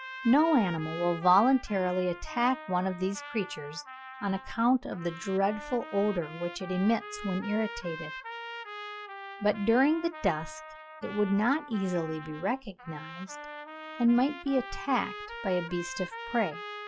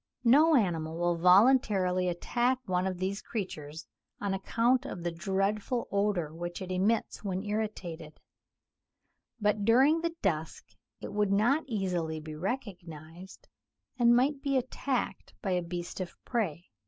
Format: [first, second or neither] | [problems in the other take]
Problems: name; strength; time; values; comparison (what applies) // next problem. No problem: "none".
second | noise reduction (classical method log-MMSE)